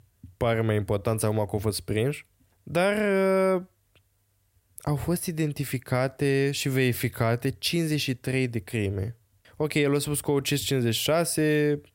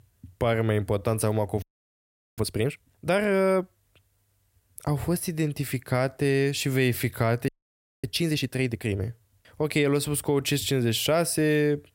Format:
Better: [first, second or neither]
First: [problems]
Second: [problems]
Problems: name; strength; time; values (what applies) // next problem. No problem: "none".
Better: first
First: none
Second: audio freezing; at 1.5 s for 1 s and at 7.5 s for 0.5 s